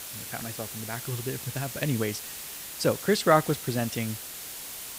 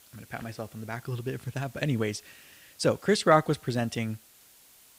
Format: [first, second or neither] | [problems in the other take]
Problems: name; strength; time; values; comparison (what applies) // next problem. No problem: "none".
second | hiss; loud; throughout; 8 dB below the speech; faint in the second